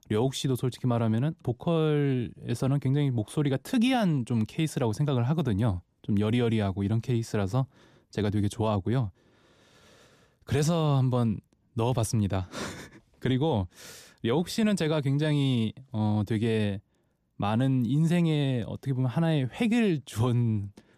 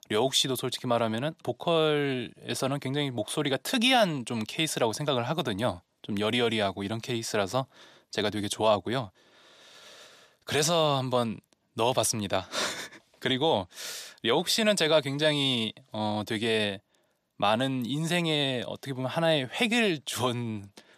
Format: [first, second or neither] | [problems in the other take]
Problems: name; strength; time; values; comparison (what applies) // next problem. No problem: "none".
first | thin; somewhat; fading below 900 Hz